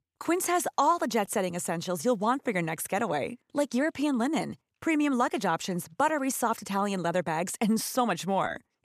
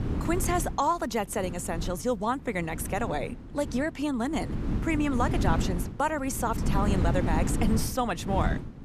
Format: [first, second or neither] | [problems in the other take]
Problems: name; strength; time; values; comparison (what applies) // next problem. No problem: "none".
first | wind noise on the microphone; heavy; 10 dB below the speech